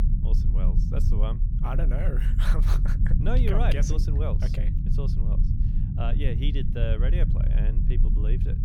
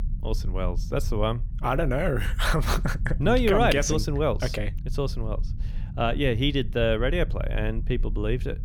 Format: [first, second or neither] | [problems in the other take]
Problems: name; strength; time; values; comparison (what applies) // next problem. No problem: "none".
second | low rumble; loud; throughout; 5 dB below the speech; faint in the second